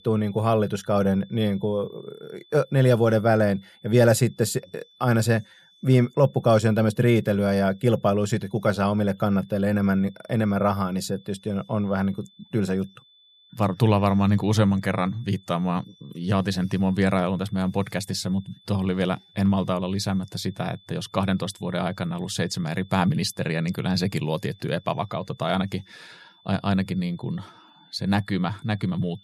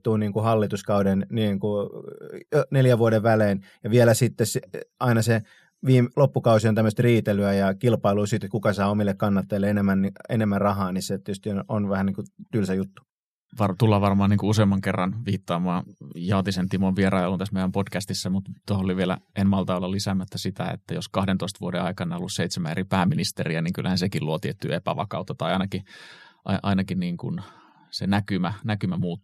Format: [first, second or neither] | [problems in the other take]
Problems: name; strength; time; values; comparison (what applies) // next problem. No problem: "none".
second | high-pitched whine; faint; throughout; 3.5 kHz, 30 dB below the speech